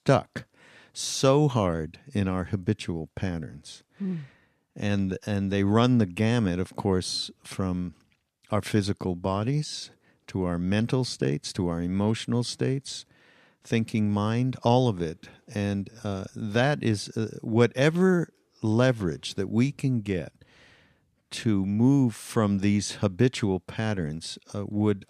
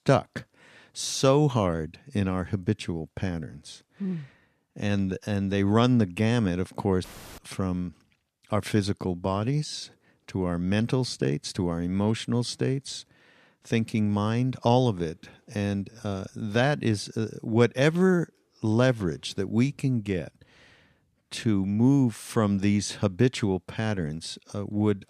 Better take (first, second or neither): first